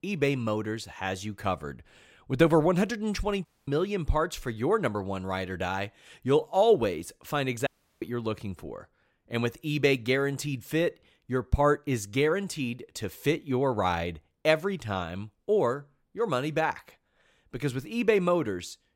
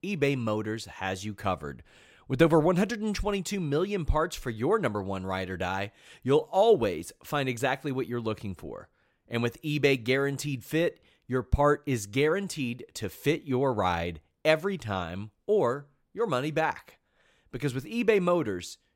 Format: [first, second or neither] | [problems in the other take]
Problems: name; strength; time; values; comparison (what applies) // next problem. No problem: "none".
second | audio cutting out; at 3.5 s and at 7.5 s